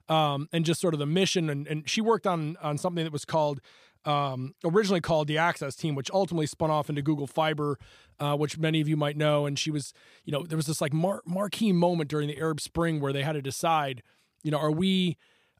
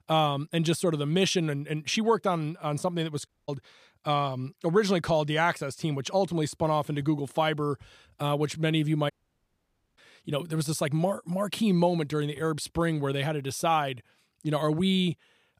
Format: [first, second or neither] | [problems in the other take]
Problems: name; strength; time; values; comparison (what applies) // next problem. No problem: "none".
first | audio cutting out; at 3.5 s and at 9 s for 1 s